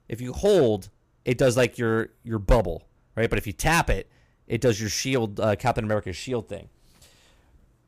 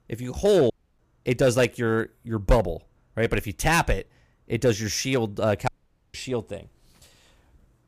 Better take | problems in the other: first | audio cutting out; at 0.5 s and at 5.5 s

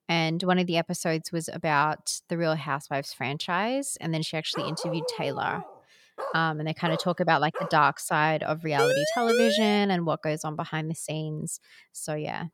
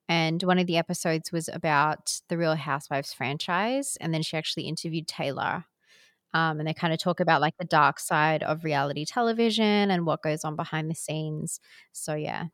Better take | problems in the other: second | dog barking; noticeable; from 4.5 to 7.5 s; peak 6 dB below the speech // siren; loud; from 9 to 10 s; peak 2 dB above the speech

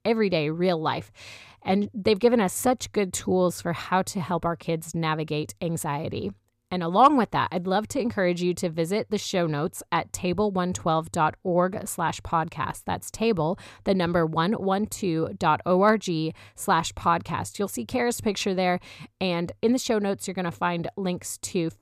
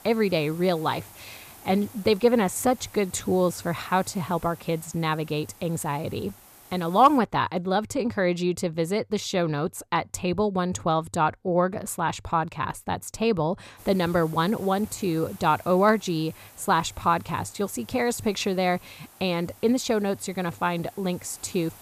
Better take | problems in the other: first | hiss; faint; until 7 s and from 14 s on; 20 dB below the speech

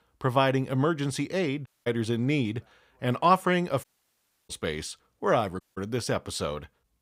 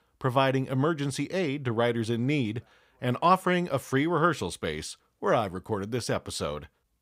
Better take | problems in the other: second | audio cutting out; at 1.5 s, at 4 s for 0.5 s and at 5.5 s

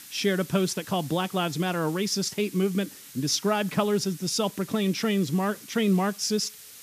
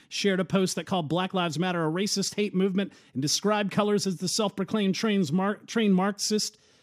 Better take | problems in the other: second | hiss; noticeable; throughout; 15 dB below the speech

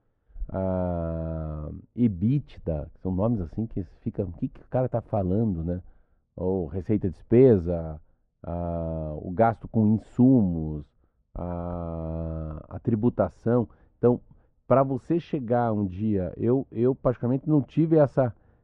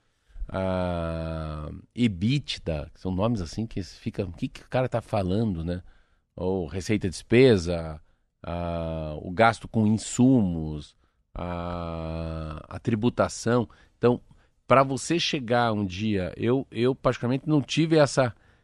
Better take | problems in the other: second | muffled; very; fading above 2 kHz

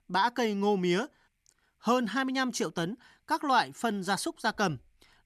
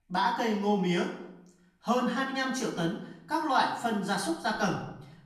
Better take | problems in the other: first | off-mic speech; far // room echo; slight; dies away in 0.6 s

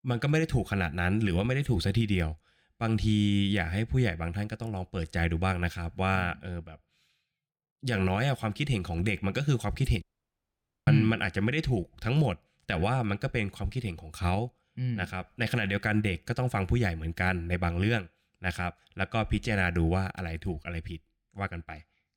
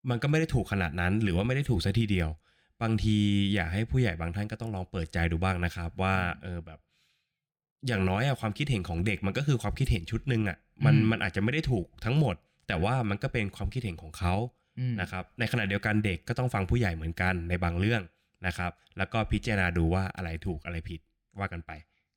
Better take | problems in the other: second | audio cutting out; at 10 s for 1 s

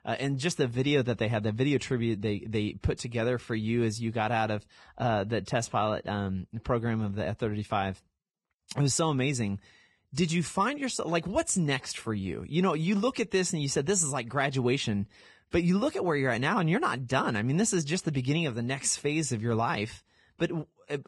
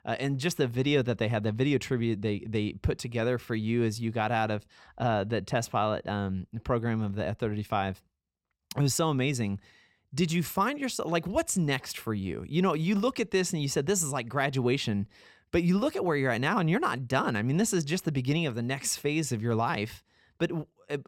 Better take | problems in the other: second | garbled, watery; badly

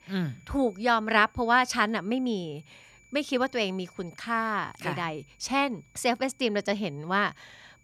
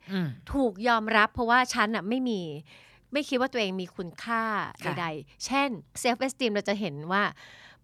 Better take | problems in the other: second | high-pitched whine; faint; throughout; 2.5 kHz, 30 dB below the speech

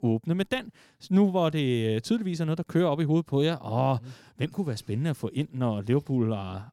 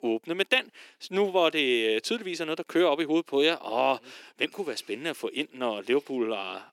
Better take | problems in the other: first | thin; somewhat; fading below 350 Hz

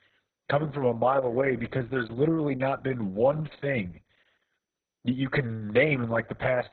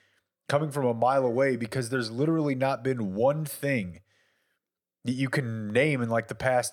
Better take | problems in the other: second | garbled, watery; badly; nothing above 4 kHz

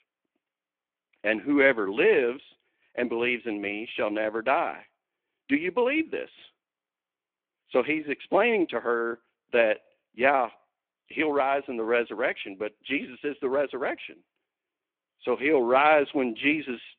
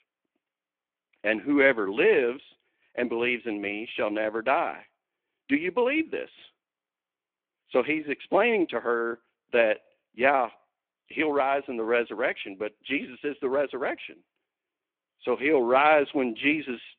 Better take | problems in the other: neither | phone-call audio; the same in both

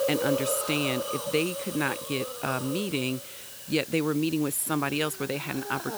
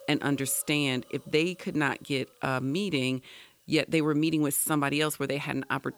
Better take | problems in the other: second | hiss; loud; throughout; 6 dB below the speech; faint in the second

